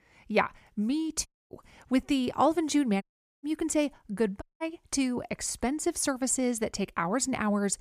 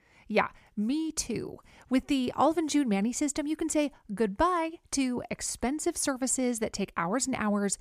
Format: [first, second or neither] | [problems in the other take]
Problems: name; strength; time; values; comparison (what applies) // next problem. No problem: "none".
second | audio cutting out; at 1.5 s, at 3 s and at 4.5 s